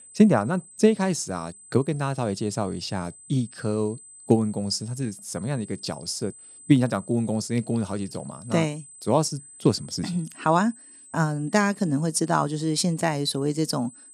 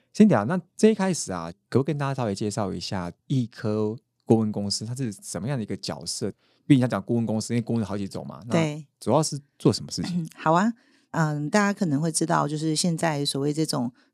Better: second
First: high-pitched whine; noticeable; throughout; 8 kHz, 20 dB below the speech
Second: none

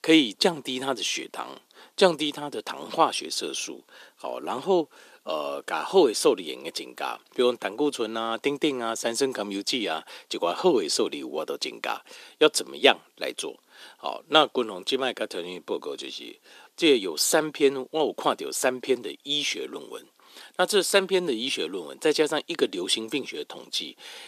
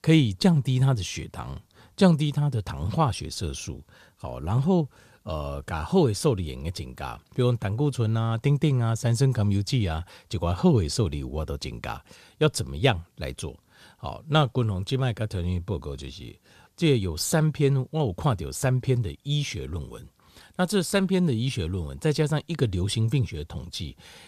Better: second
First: thin; very; fading below 300 Hz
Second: none

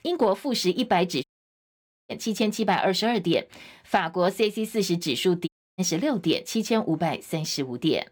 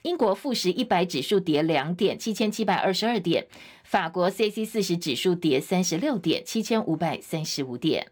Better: second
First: audio cutting out; at 1 s for 1 s and at 5.5 s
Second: none

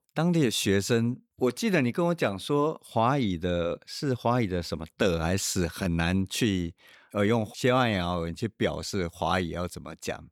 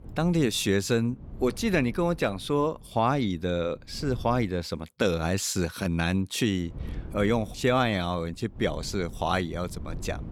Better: first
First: none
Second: wind noise on the microphone; occasional gusts; until 4.5 s and from 6.5 s on; 25 dB below the speech

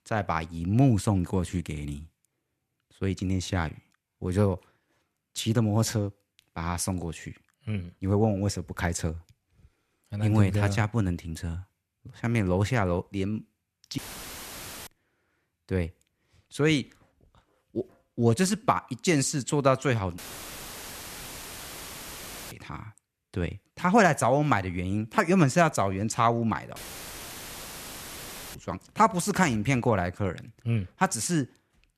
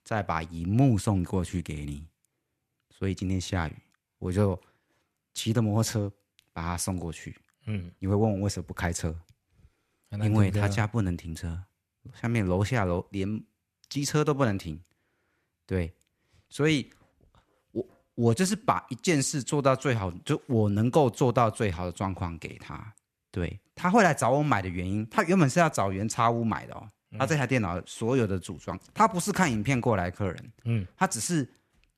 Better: second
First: audio cutting out; filled with static; at 14 s for 1 s, at 20 s for 2.5 s and at 27 s for 2 s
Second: none

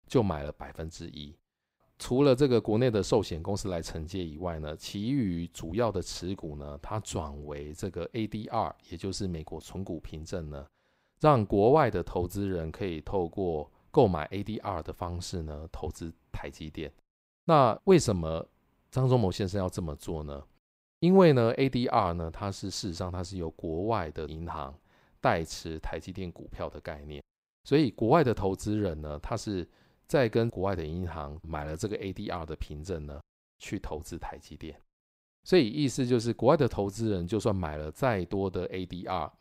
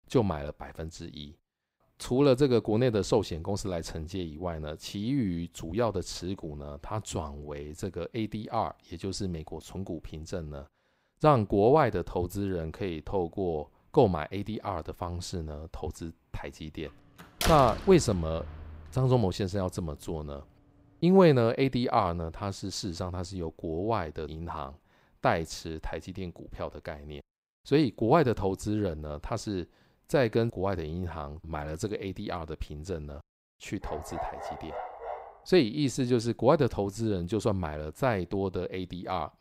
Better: first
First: none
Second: door banging; noticeable; from 17 to 19 s; peak 1 dB below the speech // dog barking; noticeable; from 34 to 35 s; peak 8 dB below the speech

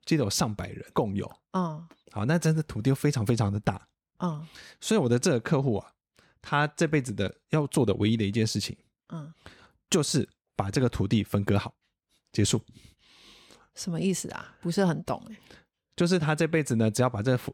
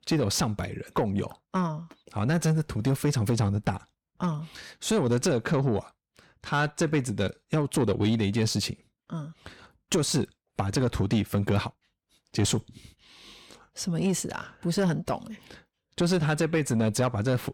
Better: first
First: none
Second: distortion; slight; 10 dB below the speech

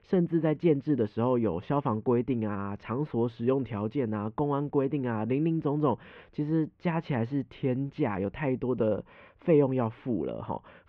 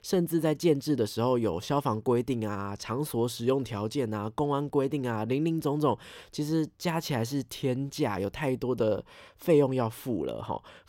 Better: second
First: muffled; very; fading above 2.5 kHz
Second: none

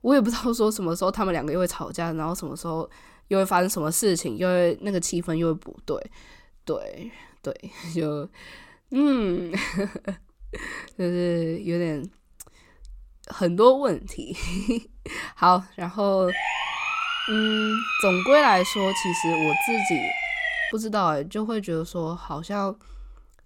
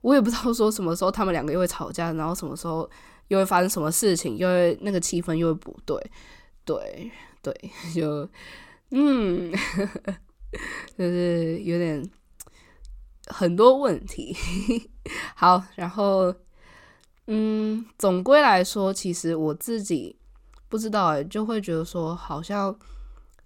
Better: second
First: siren; loud; from 16 to 21 s; peak 2 dB above the speech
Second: none

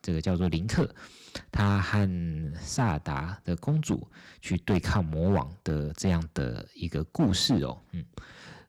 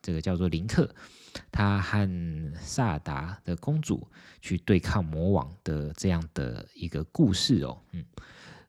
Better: second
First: distortion; slight; 3% of the sound clipped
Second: none

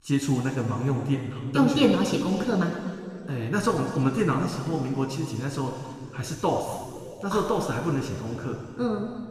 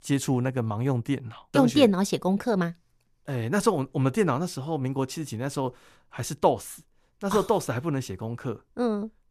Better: second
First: room echo; noticeable; dies away in 2.5 s // off-mic speech; somewhat distant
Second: none

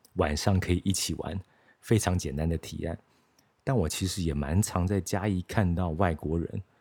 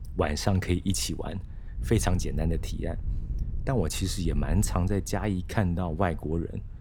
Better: first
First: none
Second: wind noise on the microphone; occasional gusts; 20 dB below the speech

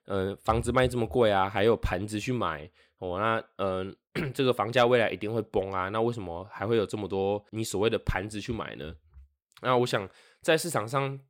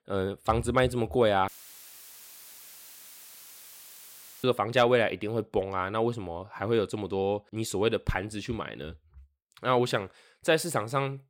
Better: first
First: none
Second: audio cutting out; filled with static; at 1.5 s for 3 s

